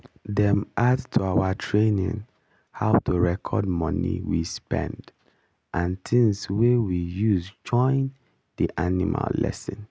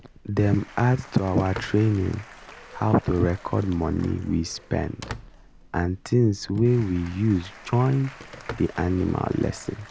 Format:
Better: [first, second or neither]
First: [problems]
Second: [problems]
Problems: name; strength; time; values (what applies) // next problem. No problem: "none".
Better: first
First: none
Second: background sound (Applause / Crowd + Telephone); 18 dB below the speech